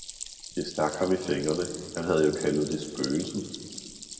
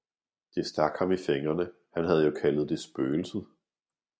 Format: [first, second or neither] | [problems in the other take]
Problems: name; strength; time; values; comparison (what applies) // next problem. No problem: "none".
second | background sound (Stream); 12 dB below the speech // room echo; dies away in 2.1 s